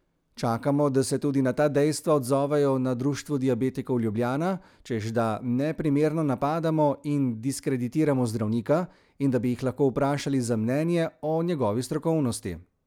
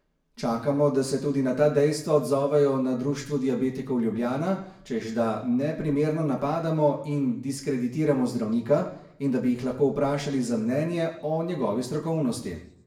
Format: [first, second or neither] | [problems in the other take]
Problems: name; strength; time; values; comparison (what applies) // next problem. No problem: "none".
first | room echo; dies away in 0.7 s